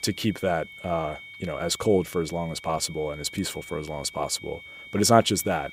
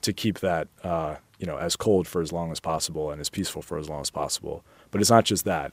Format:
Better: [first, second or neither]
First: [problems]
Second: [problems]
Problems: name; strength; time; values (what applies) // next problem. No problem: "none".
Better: second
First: high-pitched whine; noticeable; throughout; 2.5 kHz, 15 dB below the speech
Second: none